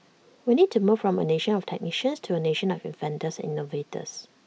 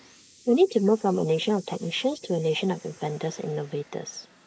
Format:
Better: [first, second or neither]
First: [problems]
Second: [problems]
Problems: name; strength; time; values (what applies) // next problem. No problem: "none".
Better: first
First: none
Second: noise reduction (neural mask model Resemble Enhance denoiser)